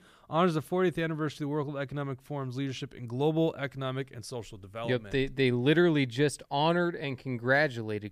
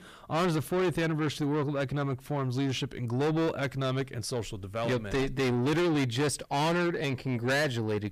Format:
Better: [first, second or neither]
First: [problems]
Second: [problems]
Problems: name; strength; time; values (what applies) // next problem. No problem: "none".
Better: first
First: none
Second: distortion; heavy; 6 dB below the speech